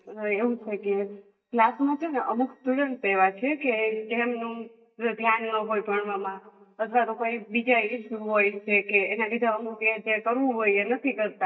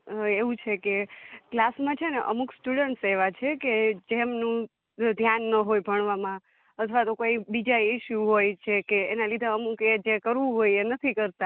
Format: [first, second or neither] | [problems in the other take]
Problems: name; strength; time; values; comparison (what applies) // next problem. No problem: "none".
second | noise reduction (neural mask model DeepFilterNet 3)